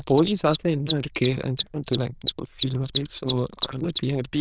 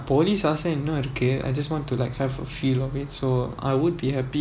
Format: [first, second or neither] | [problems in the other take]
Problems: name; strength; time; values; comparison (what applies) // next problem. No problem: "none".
second | noise reduction (neural diffusion model UNIVERSE++)